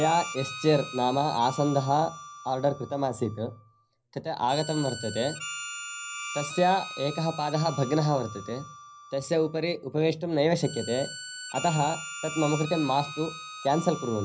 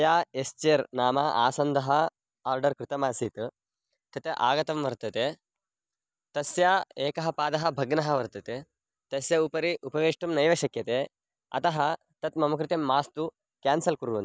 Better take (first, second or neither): second